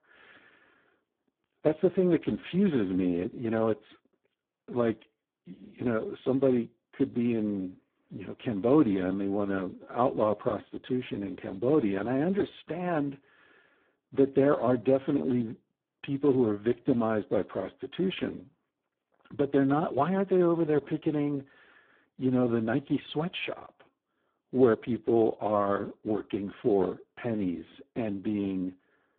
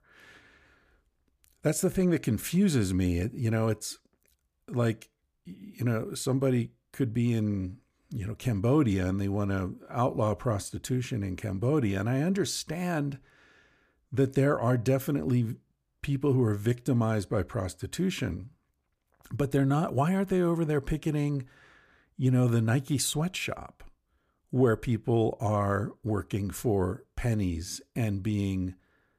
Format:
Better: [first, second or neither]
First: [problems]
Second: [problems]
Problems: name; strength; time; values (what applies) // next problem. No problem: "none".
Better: second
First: phone-call audio; poor line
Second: none